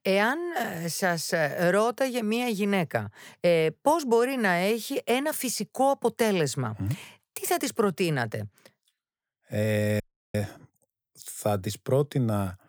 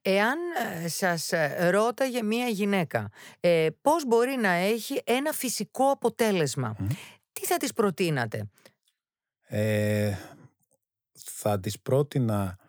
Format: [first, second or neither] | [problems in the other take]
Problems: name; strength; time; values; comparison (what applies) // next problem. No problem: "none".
second | audio freezing; at 10 s